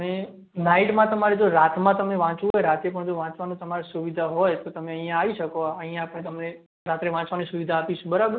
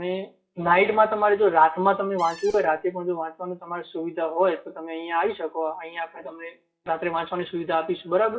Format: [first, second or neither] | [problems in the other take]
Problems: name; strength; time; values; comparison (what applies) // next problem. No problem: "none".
first | noise reduction (classical method WPE with log-MMSE)